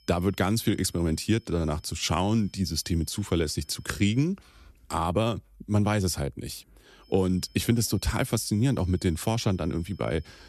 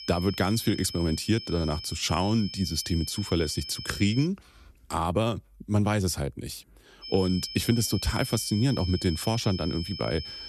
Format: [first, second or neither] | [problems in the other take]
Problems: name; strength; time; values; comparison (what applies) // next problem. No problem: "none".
first | high-pitched whine; loud; until 4.5 s and from 7 s on; 5 kHz, 10 dB below the speech; faint in the first